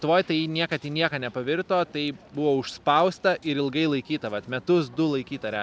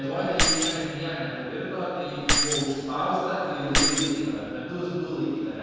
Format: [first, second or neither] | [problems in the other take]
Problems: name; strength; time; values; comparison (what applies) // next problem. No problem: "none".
first | background sound (Keys jangling); 1 dB above the speech // room echo; dies away in 2.1 s